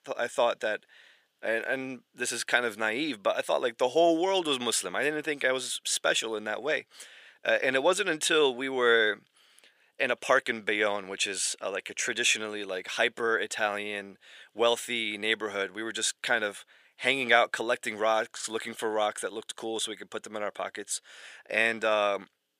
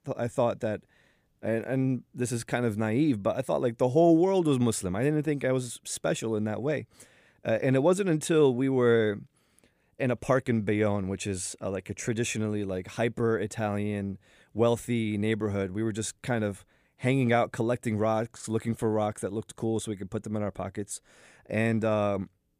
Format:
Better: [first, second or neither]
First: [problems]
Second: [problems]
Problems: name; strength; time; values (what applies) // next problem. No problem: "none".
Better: second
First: thin; very; fading below 550 Hz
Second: none